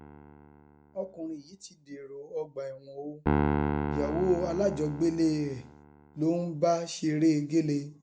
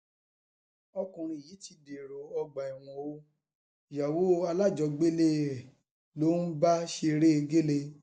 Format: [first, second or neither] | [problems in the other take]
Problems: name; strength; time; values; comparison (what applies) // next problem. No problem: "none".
second | background sound (Piano); 5 dB below the speech